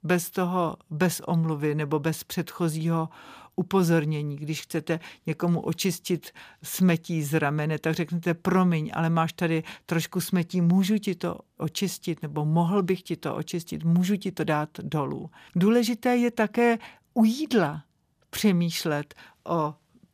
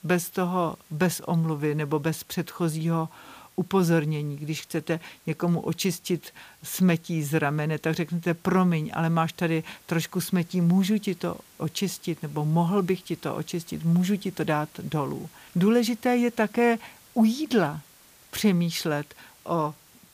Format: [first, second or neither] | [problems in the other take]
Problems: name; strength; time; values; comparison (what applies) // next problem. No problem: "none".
first | hiss; faint; throughout; 25 dB below the speech